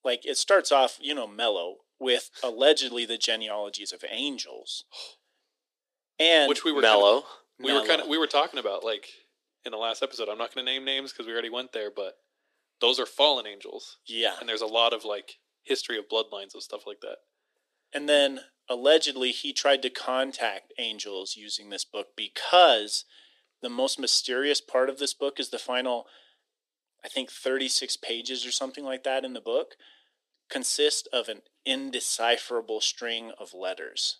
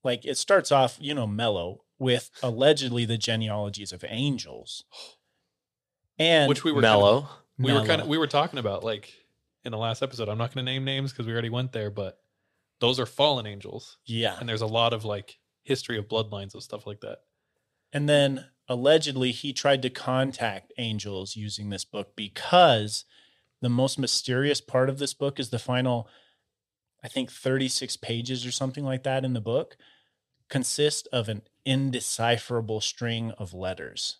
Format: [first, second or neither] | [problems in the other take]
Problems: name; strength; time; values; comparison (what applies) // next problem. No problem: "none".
second | thin; somewhat; fading below 300 Hz